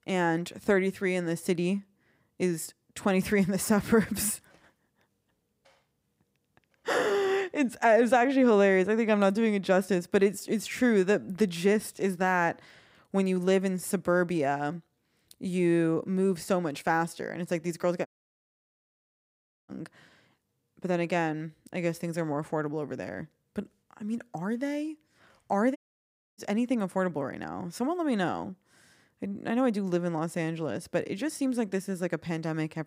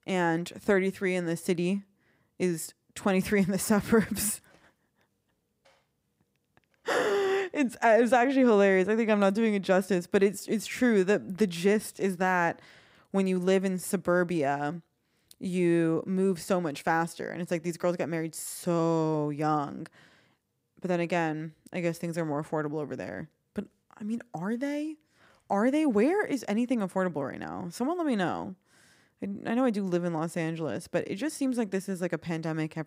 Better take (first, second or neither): second